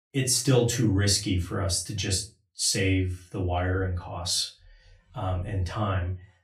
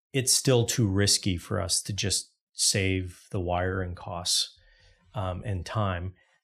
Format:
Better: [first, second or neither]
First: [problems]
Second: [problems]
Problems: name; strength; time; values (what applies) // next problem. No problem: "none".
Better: second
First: off-mic speech; far // room echo; very slight; dies away in 0.2 s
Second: none